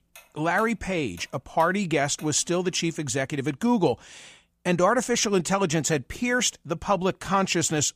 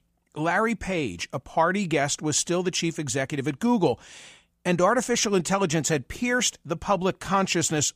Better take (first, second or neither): second